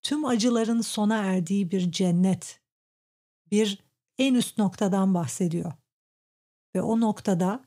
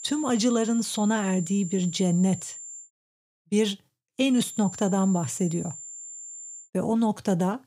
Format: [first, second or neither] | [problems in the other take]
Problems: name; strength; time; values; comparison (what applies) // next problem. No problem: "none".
first | high-pitched whine; noticeable; until 3 s and from 4.5 to 6.5 s; 7.5 kHz, 10 dB below the speech